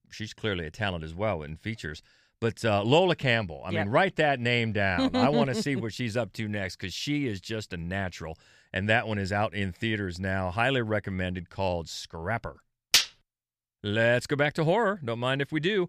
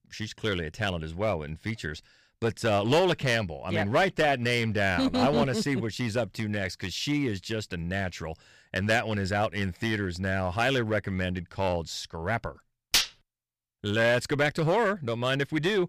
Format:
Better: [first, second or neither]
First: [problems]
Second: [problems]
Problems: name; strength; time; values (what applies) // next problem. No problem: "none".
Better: first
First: none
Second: distortion; slight; 5% of the sound clipped